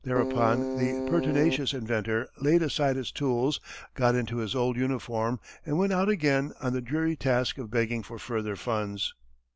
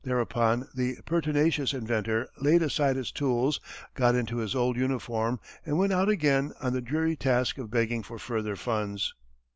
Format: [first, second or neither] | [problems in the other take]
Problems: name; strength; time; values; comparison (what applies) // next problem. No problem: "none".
second | background sound (Keyboard (musical)); 2 dB below the speech